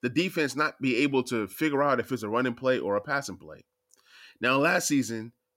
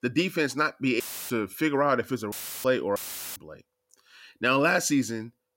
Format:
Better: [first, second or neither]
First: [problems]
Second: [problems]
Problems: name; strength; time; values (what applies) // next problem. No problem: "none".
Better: first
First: none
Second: audio cutting out; filled with static; at 1 s, at 2.5 s and at 3 s